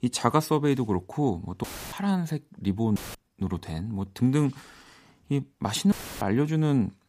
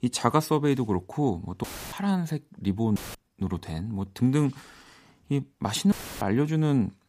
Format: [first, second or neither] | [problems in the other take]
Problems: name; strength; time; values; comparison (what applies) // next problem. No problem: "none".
neither | audio cutting out; filled with static; at 1.5 s, at 3 s and at 6 s; the same in both